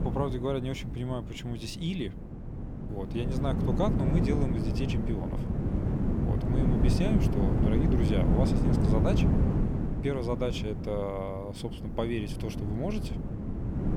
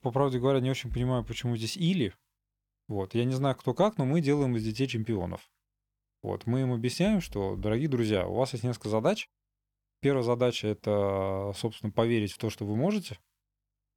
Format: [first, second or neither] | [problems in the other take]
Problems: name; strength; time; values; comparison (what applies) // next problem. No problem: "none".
second | wind noise on the microphone; heavy; 1 dB below the speech